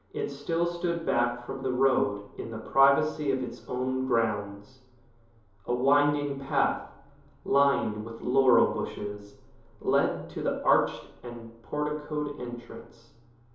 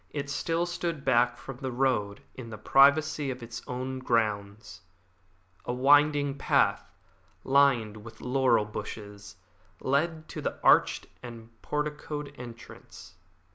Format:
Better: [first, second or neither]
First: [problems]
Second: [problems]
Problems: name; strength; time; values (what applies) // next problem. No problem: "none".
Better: second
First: room echo; dies away in 2.8 s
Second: none